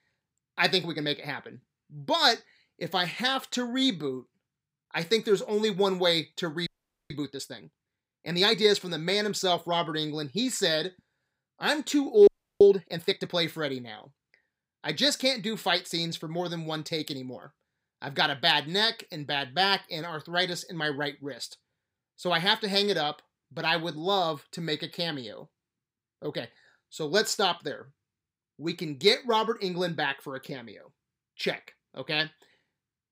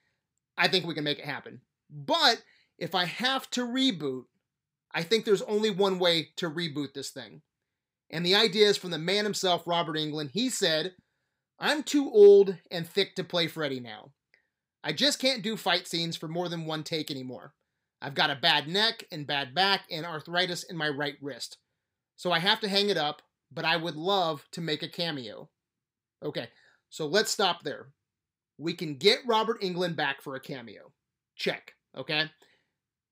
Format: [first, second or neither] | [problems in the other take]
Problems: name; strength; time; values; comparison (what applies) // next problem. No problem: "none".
second | audio freezing; at 6.5 s and at 12 s